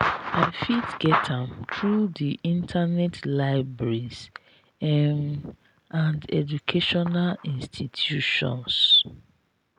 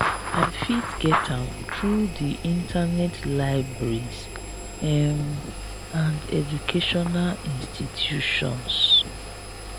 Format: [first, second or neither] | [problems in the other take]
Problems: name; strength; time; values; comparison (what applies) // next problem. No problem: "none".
first | background sound (Engine); 10 dB below the speech